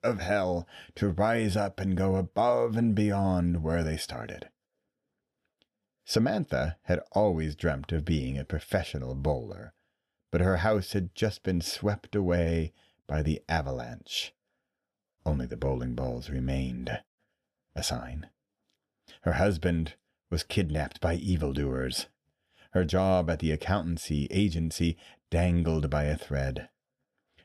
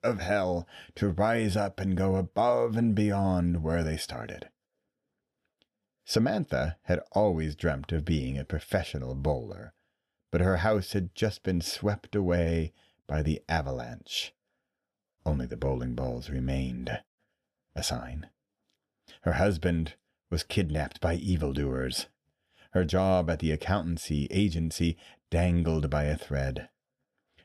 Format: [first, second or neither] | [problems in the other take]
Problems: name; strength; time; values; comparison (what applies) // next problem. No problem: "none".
neither | none